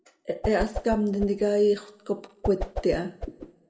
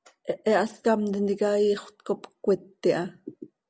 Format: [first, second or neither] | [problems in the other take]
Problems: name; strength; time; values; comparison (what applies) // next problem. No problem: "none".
second | background sound (Whoosh, swoosh, swish); 8 dB below the speech // room echo; dies away in 0.7 s